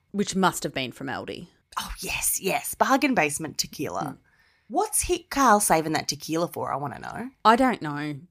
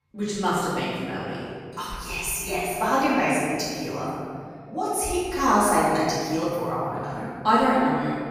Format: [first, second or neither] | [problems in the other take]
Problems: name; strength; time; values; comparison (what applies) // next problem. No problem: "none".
first | off-mic speech; far // room echo; strong; dies away in 2.2 s